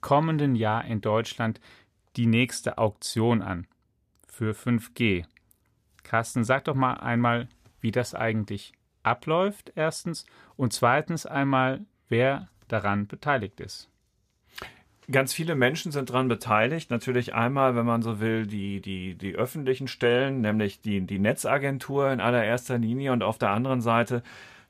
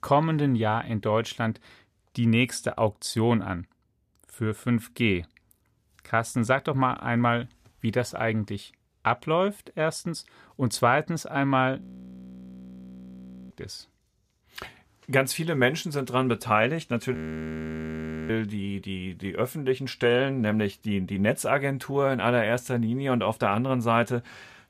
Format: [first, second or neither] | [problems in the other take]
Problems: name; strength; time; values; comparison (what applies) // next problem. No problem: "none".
first | audio freezing; at 12 s for 1.5 s and at 17 s for 1 s